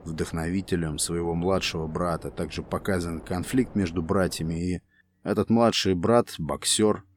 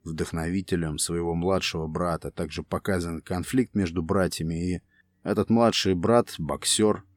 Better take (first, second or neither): second